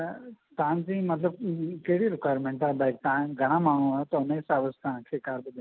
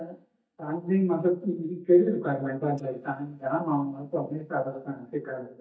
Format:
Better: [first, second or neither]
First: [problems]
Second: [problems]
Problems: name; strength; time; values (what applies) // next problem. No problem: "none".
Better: first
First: none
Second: noise reduction (neural mask model DeepFilterNet 3)